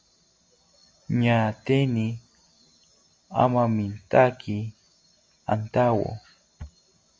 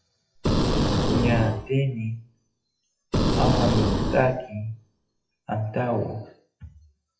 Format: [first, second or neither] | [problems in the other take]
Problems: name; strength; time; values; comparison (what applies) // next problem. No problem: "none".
first | noise reduction (classical method WPE with log-MMSE)